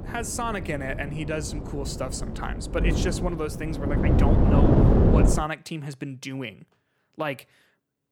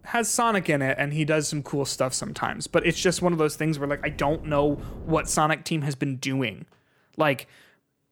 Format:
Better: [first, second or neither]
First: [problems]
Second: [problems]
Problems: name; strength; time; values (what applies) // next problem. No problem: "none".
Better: second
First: wind noise on the microphone; heavy; until 5.5 s; 3 dB above the speech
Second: wind noise on the microphone; occasional gusts; until 5.5 s; 25 dB below the speech